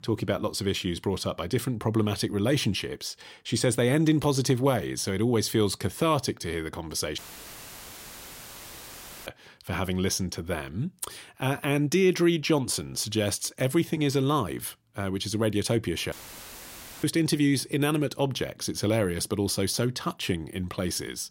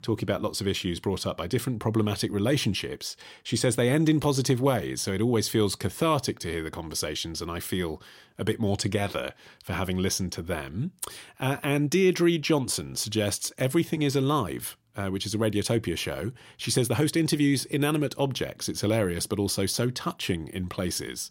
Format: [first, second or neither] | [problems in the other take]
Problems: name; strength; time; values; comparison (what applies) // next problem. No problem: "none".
second | audio cutting out; filled with static; at 7 s for 2 s and at 16 s for 1 s